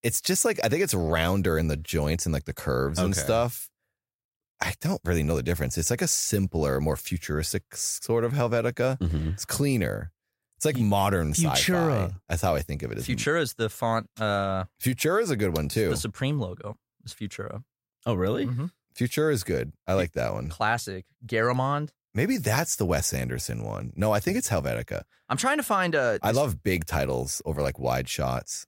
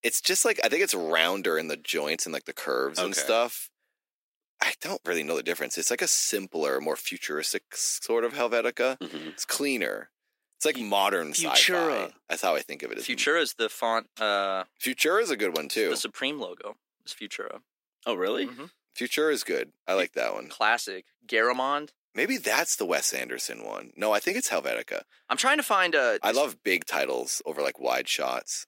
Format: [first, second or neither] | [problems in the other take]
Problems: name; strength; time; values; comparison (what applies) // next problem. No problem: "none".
first | thin; somewhat; fading below 250 Hz